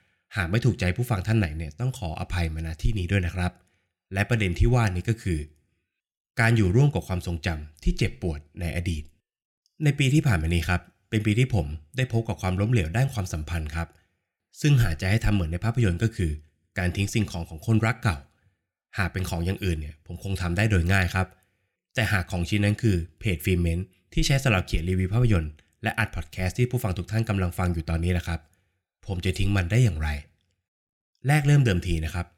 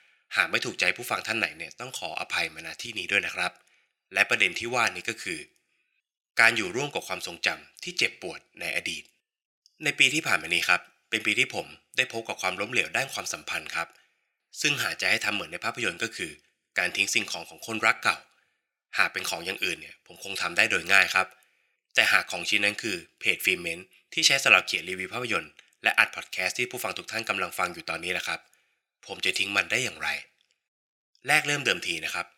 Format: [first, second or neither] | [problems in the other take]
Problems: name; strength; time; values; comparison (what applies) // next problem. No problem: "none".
first | thin; very; fading below 500 Hz